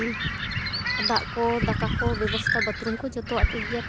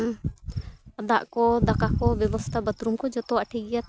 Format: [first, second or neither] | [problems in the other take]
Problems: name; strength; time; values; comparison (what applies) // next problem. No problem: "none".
second | background sound (Bird); as loud as the speech